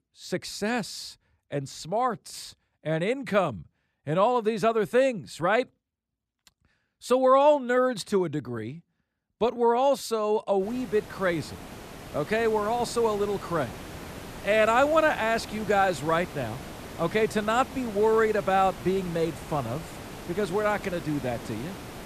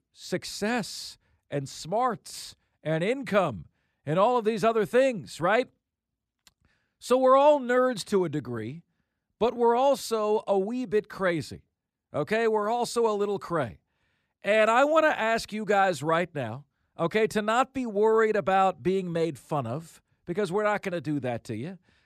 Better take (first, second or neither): second